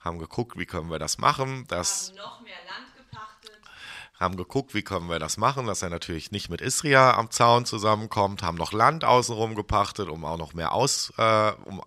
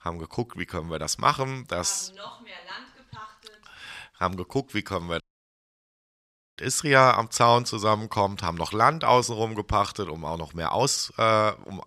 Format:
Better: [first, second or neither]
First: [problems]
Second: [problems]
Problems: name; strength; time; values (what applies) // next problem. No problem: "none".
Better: first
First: none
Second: audio cutting out; at 5 s for 1.5 s